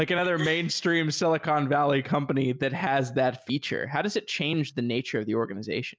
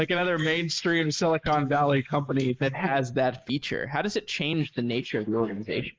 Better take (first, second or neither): first